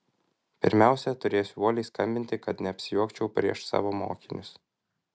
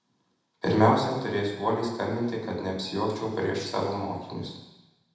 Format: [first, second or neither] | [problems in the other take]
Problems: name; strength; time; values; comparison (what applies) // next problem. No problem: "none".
first | room echo; dies away in 1 s